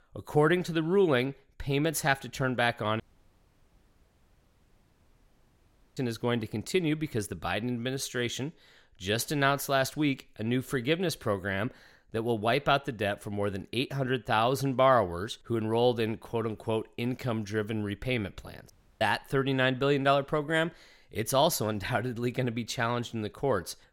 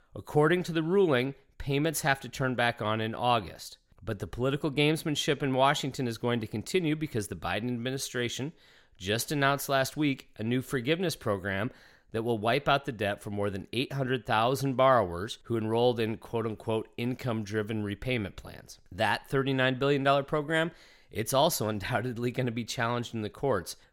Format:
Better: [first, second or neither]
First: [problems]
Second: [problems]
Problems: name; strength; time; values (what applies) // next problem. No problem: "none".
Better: second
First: audio cutting out; at 3 s for 3 s and at 19 s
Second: none